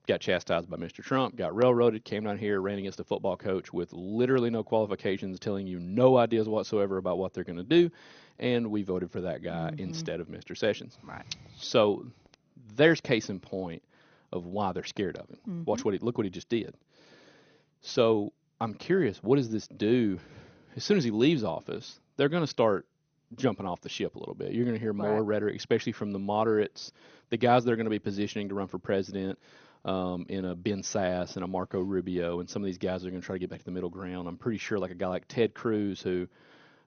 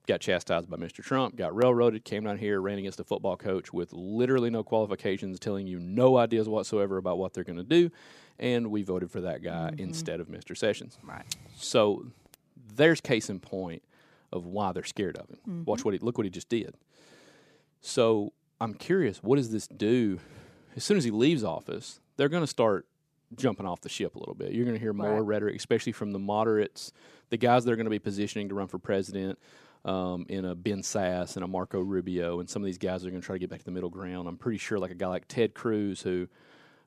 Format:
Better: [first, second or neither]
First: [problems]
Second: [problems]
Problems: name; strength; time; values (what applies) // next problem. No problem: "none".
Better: second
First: garbled, watery; slightly; nothing above 6.5 kHz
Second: none